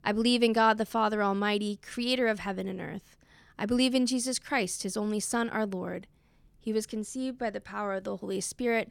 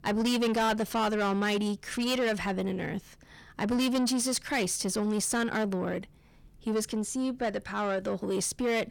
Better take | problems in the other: first | distortion; heavy; 7 dB below the speech

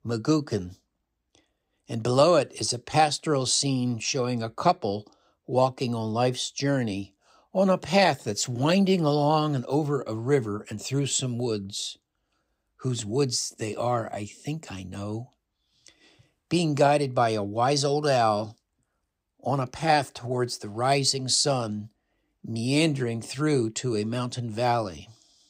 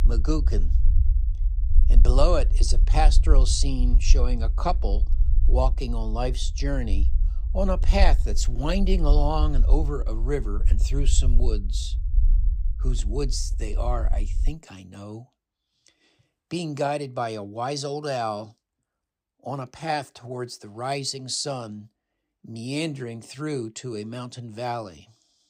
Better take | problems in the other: first | low rumble; noticeable; until 14 s; 15 dB below the speech

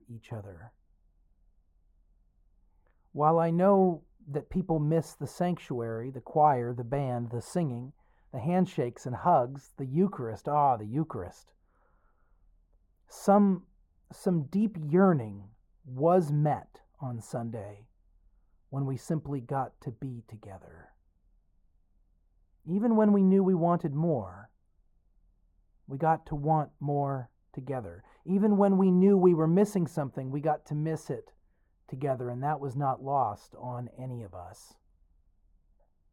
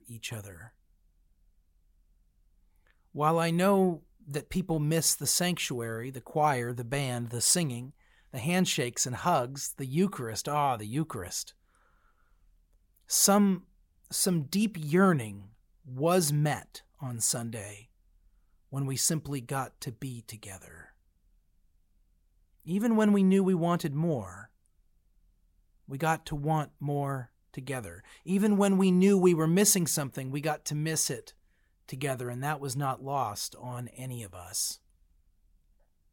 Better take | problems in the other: second | muffled; very; fading above 2 kHz

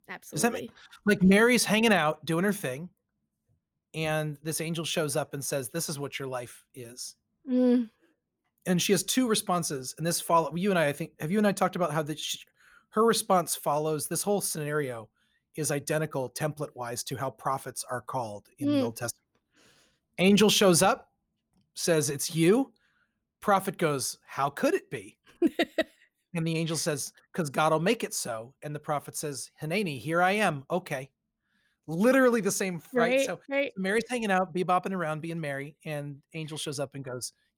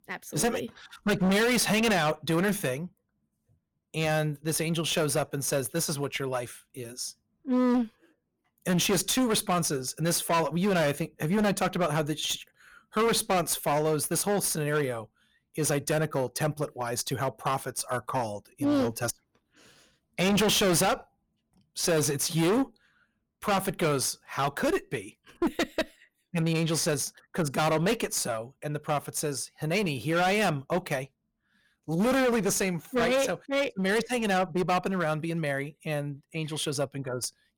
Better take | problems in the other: first | distortion; heavy; 13% of the sound clipped

